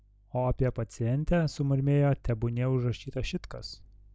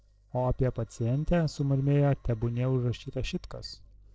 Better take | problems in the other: first | noise reduction (neural separator model SepFormer DNS4)

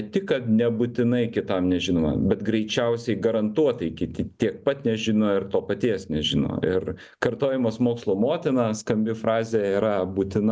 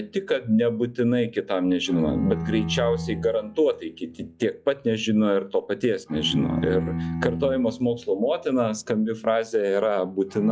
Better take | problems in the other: first | noise reduction (classical method log-MMSE)

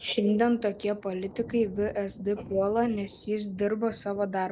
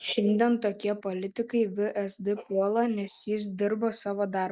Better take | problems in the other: second | background sound (Thunder); 18 dB below the speech

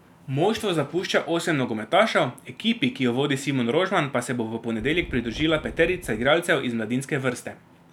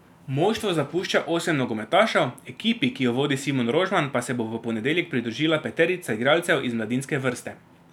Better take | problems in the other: second | background sound (Wind); 15 dB below the speech

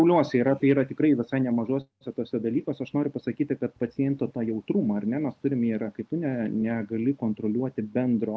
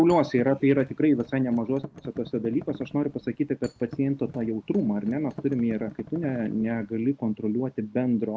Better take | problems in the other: first | background sound (Thump, thud); 18 dB below the speech

